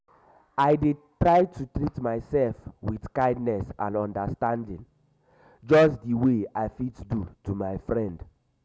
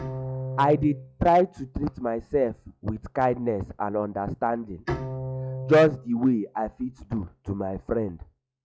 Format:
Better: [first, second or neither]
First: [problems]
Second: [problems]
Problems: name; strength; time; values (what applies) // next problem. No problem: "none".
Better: first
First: none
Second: noise reduction (classical method log-MMSE)